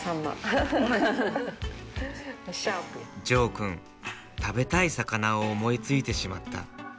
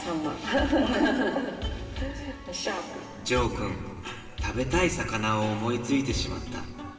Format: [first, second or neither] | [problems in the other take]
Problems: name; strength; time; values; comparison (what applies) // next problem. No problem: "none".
first | room echo; dies away in 2 s